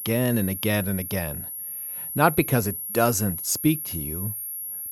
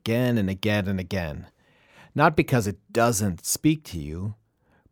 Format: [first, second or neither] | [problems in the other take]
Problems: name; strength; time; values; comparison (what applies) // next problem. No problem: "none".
second | high-pitched whine; loud; throughout; 11.5 kHz, 6 dB below the speech